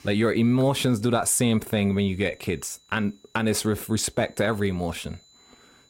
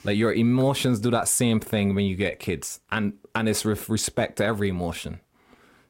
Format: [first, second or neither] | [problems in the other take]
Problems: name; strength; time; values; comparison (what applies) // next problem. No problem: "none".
second | high-pitched whine; faint; throughout; 4 kHz, 30 dB below the speech